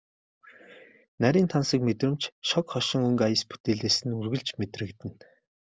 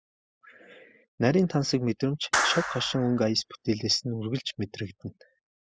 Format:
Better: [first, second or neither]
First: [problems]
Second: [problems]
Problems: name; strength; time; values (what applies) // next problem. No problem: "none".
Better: first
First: none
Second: noise reduction (classical method spectral subtraction)